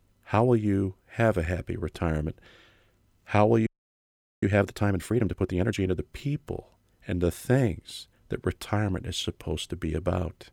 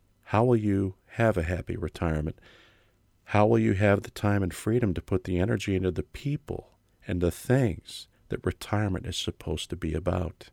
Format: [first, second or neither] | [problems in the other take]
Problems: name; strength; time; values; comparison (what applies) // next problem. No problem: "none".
second | audio freezing; at 3.5 s for 1 s